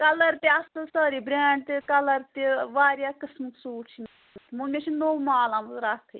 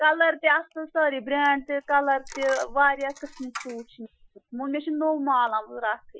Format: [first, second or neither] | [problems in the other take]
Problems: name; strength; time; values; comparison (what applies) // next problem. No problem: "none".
first | noise reduction (classical method Wiener filter)